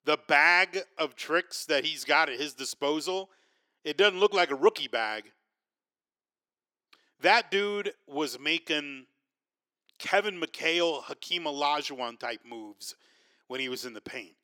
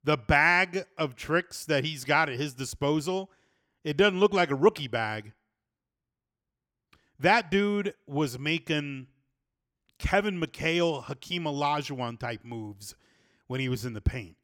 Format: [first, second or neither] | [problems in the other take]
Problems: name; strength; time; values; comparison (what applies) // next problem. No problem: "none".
second | thin; somewhat; fading below 350 Hz